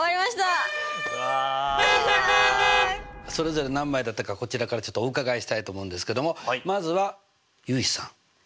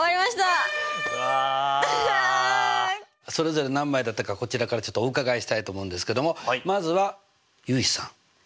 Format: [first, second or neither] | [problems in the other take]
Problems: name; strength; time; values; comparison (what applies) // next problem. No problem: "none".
second | background sound (Vehicle horn, car horn, honking); as loud as the speech